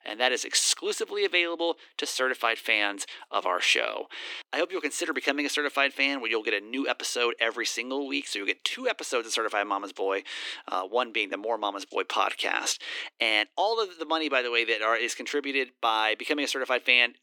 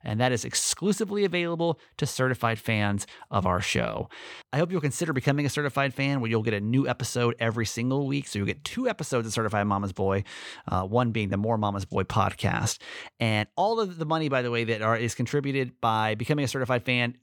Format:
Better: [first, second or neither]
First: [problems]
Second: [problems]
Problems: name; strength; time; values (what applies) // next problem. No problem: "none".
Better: second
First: thin; somewhat; fading below 300 Hz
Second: none